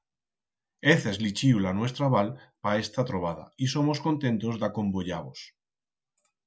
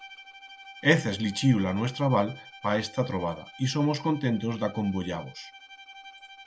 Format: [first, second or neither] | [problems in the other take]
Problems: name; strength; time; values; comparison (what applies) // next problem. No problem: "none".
first | background sound (Bowed string instrument); 19 dB below the speech